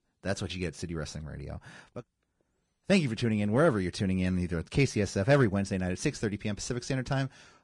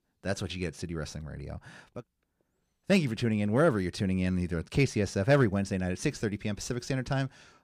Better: second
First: garbled, watery; slightly; nothing above 10 kHz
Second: none

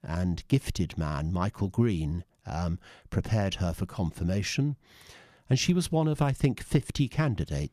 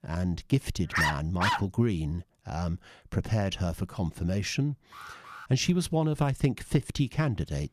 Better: first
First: none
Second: dog barking; loud; at 1 s; peak 2 dB above the speech // alarm; faint; at 5 s; peak 15 dB below the speech

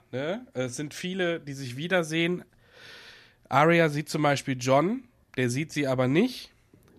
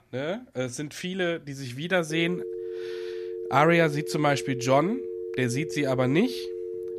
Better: first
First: none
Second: phone ringing; noticeable; from 2 s on; peak 8 dB below the speech

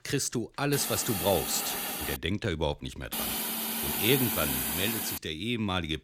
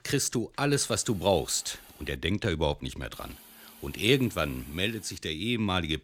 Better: second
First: hiss; loud; from 0.5 to 2 s and from 3 to 5 s; as loud as the speech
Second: hiss; faint; from 0.5 to 2 s and from 3 to 5 s; 20 dB below the speech

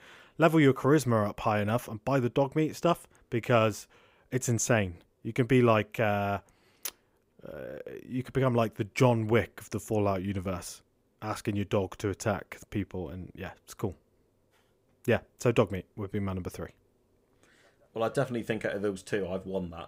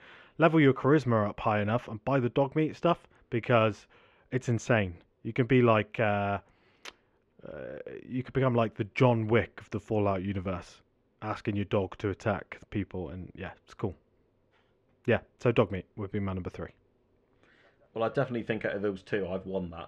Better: first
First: none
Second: muffled; slightly; fading above 3 kHz

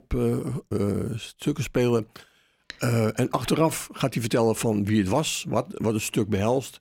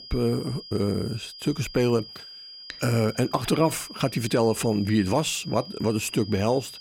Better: first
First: none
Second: high-pitched whine; noticeable; throughout; 5 kHz, 15 dB below the speech

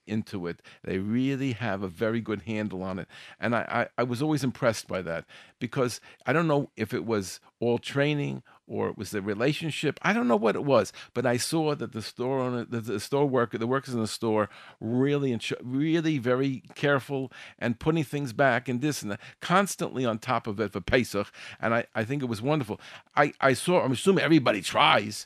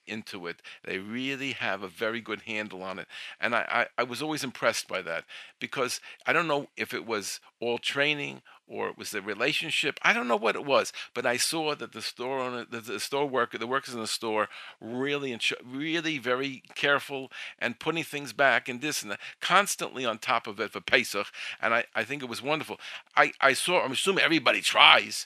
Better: first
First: none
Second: thin; somewhat; fading below 900 Hz

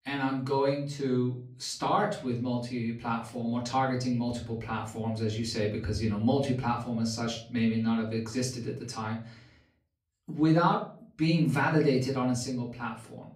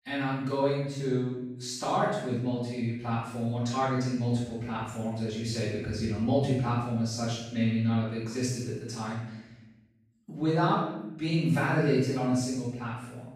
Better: first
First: room echo; slight; dies away in 0.4 s // off-mic speech; far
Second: room echo; strong; dies away in 0.9 s // off-mic speech; far

